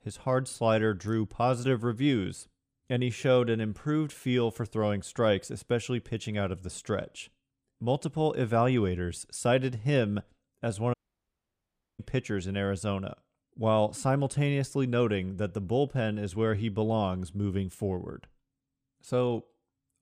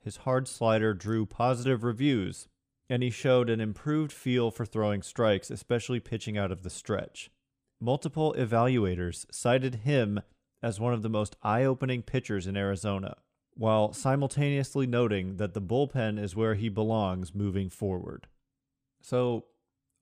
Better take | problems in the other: second | audio cutting out; at 11 s for 1 s

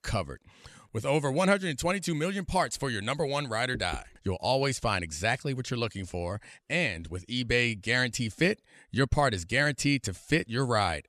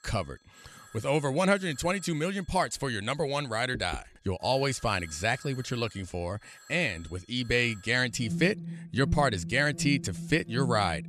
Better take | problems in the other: first | alarms or sirens; noticeable; throughout; 10 dB below the speech

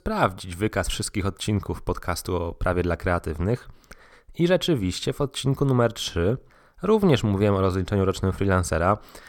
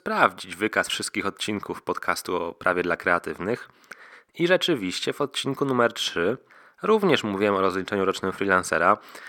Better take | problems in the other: first | thin; somewhat; fading below 250 Hz

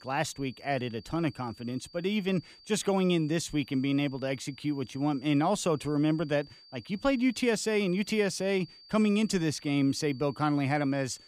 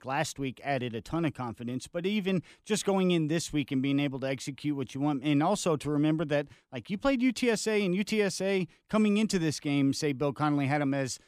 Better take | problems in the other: second | high-pitched whine; faint; throughout; 4.5 kHz, 25 dB below the speech

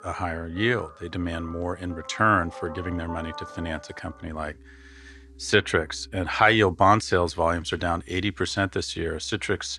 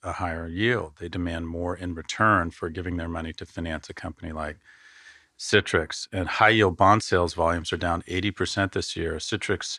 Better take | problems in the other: second | background music; faint; throughout; 20 dB below the speech

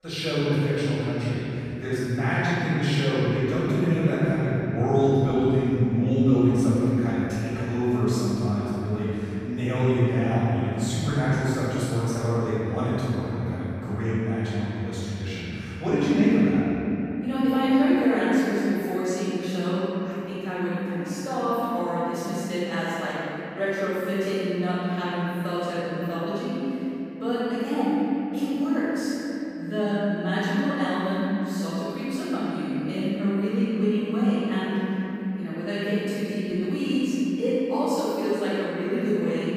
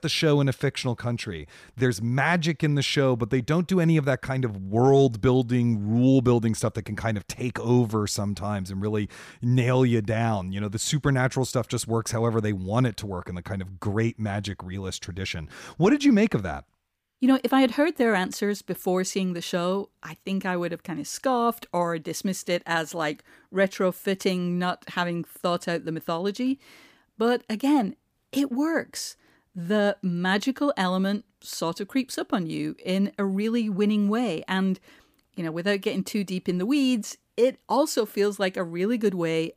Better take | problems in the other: second | off-mic speech; far // room echo; strong; dies away in 3 s

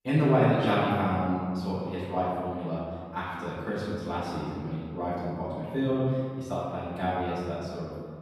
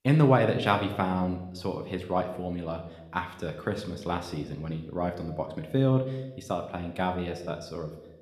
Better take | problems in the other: second | room echo; strong; dies away in 1.7 s; slight in the second // off-mic speech; far

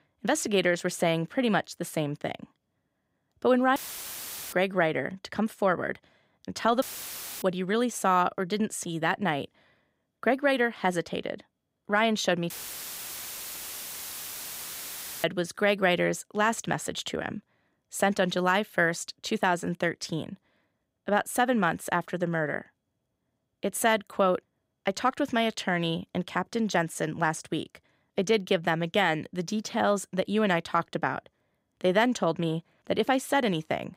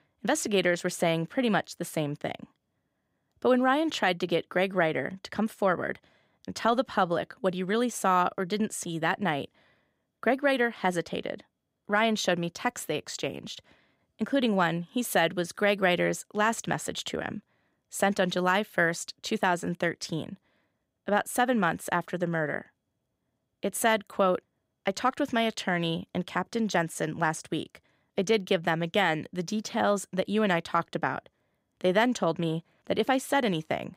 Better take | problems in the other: second | audio cutting out; filled with static; at 4 s for 1 s, at 7 s for 0.5 s and at 13 s for 2.5 s

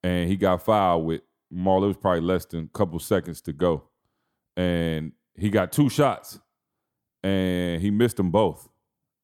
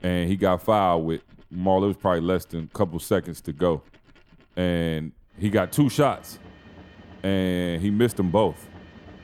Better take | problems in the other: first | machinery noise; faint; throughout; 25 dB below the speech

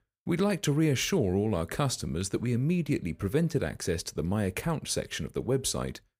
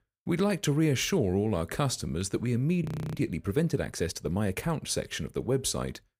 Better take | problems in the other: first | audio freezing; at 3 s

